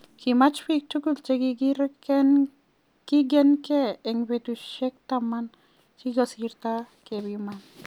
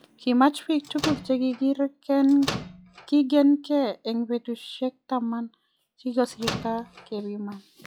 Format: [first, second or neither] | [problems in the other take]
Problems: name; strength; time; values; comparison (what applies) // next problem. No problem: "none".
first | noise reduction (classical method log-MMSE)